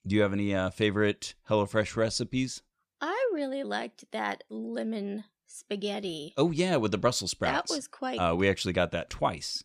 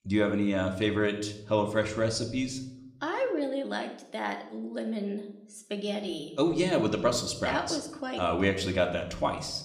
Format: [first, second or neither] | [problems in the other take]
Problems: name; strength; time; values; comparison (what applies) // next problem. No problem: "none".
first | room echo; slight; dies away in 0.6 s